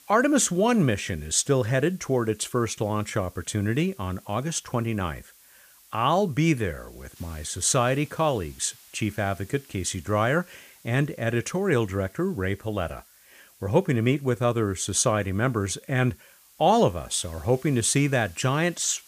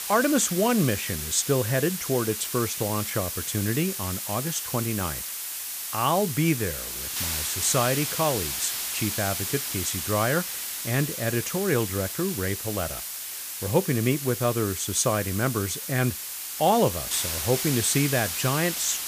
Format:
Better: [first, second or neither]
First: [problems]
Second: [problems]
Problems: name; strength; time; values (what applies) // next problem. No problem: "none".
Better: first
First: hiss; faint; throughout; 25 dB below the speech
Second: hiss; loud; throughout; 3 dB below the speech